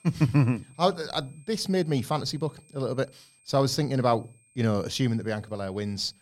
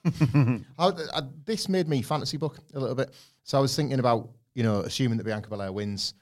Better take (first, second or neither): second